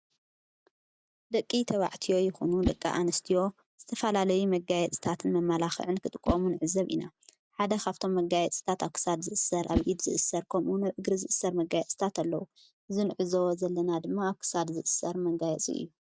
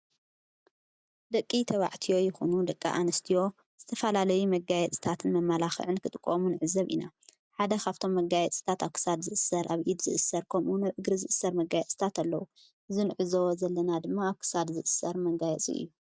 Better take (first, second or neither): second